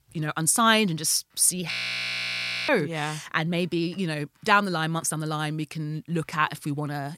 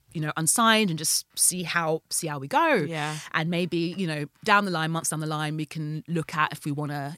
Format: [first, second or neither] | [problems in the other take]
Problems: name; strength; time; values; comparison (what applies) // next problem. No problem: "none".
second | audio freezing; at 1.5 s for 1 s